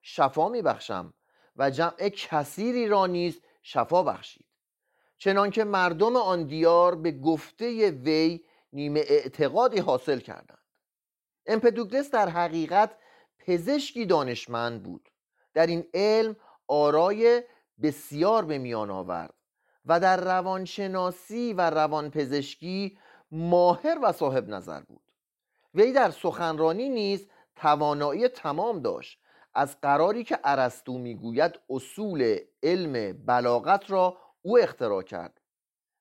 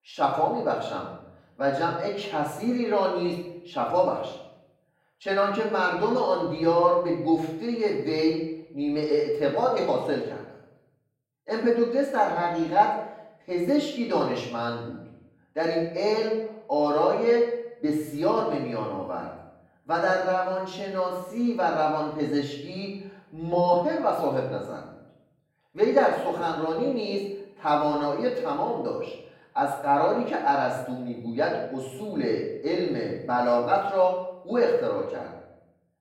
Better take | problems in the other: first | room echo; noticeable; dies away in 0.7 s // off-mic speech; far

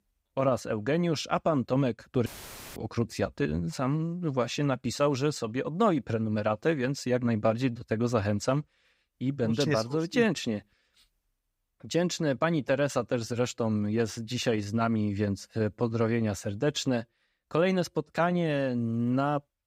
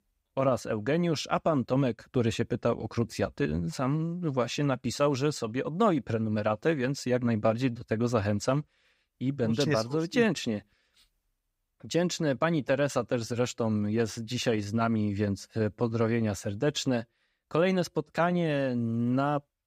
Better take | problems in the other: second | audio cutting out; filled with static; at 2.5 s for 0.5 s

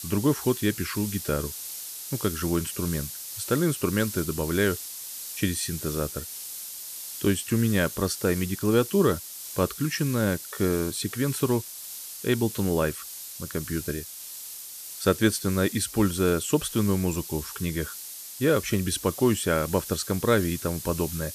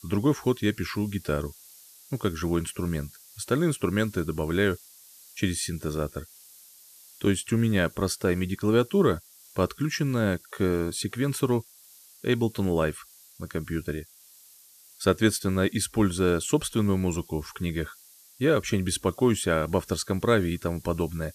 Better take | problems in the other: second | hiss; loud; throughout; 9 dB below the speech; faint in the second

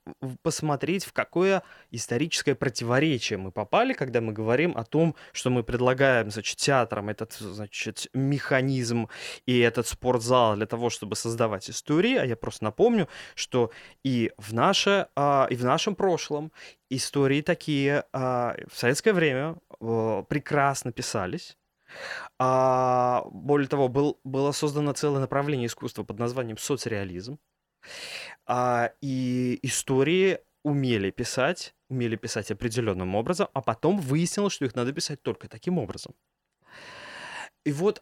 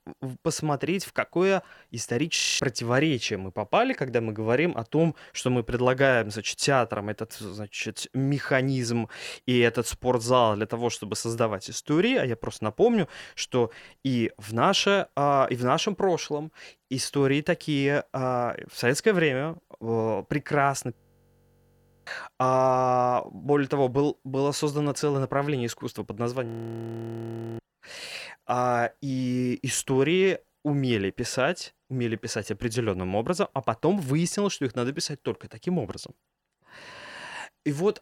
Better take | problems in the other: first | audio freezing; at 2.5 s, at 21 s for 1 s and at 26 s for 1 s

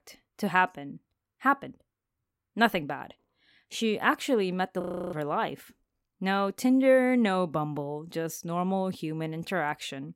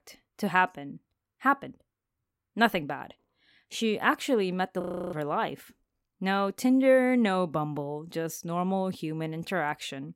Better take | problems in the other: neither | audio freezing; at 5 s; the same in both

